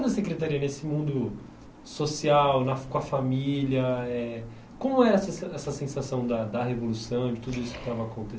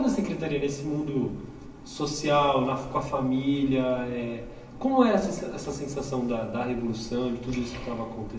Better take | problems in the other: first | room echo; dies away in 2.9 s

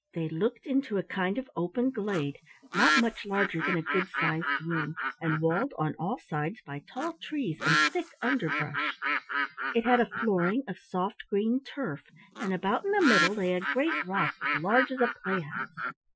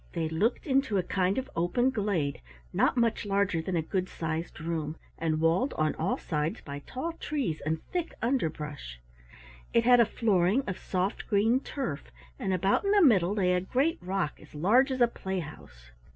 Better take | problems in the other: second | noise reduction (classical method Wiener filter)

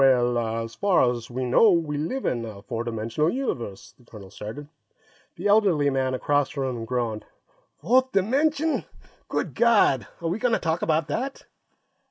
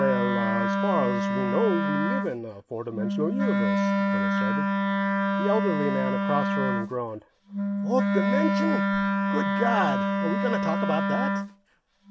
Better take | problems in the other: first | background sound (Wind instrument, woodwind instrument); 4 dB above the speech

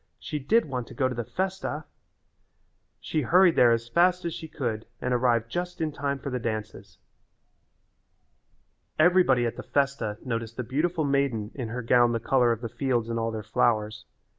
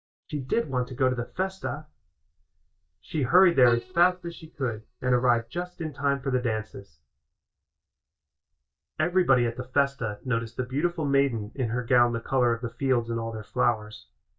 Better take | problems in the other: first | noise reduction (neural mask model DeepFilterNet 3)

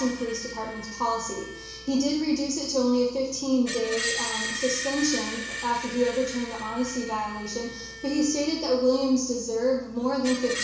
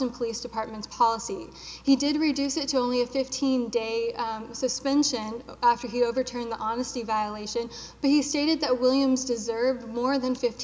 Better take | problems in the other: second | background sound (Screech); 10 dB below the speech // room echo; dies away in 0.7 s

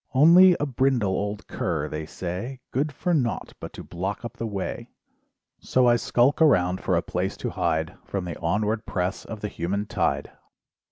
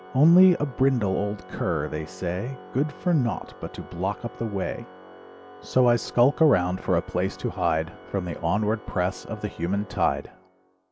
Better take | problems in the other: first | background sound (Organ); 19 dB below the speech

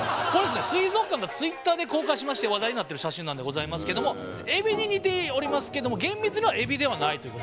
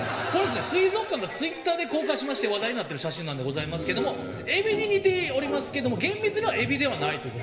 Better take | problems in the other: first | room echo; dies away in 2.4 s

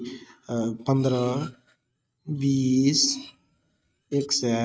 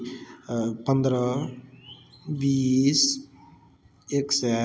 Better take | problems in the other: second | noise reduction (neural mask model RNNoise)

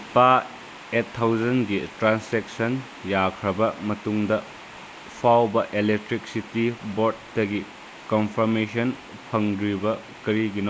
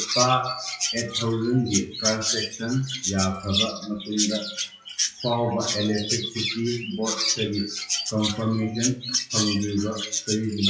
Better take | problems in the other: first | noise reduction (classical method WPE with log-MMSE)

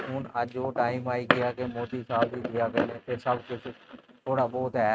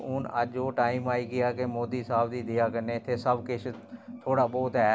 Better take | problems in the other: second | noise reduction (neural mask model RNNoise)

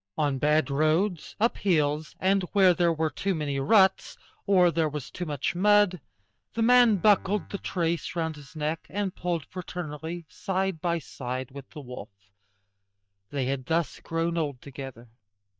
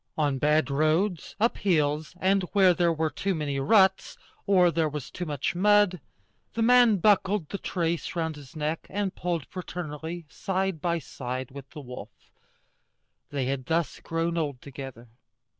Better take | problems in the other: second | noise reduction (neural mask model DeepFilterNet 3)

